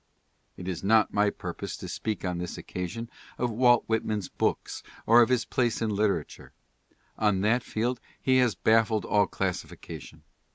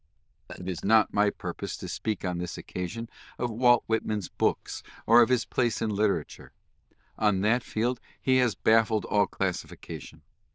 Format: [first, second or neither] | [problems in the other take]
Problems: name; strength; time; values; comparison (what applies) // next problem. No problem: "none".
first | noise reduction (neural diffusion model UNIVERSE++)